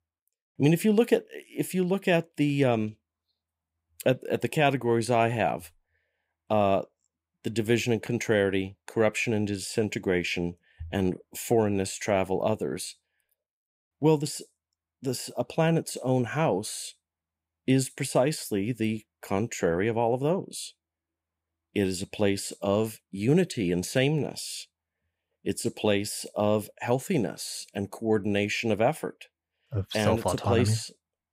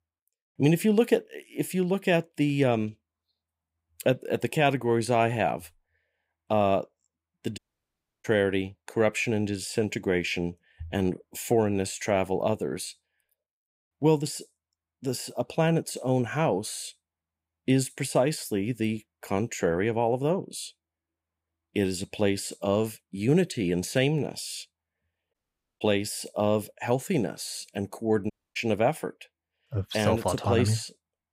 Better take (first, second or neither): first